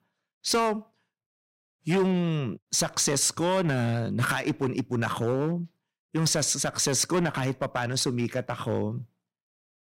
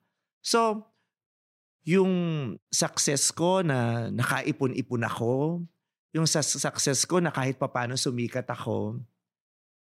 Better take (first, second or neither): second